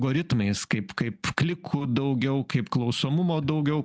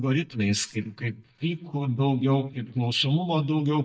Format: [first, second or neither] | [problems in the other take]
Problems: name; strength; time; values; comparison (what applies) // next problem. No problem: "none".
first | noise reduction (neural mask model DeepFilterNet 3)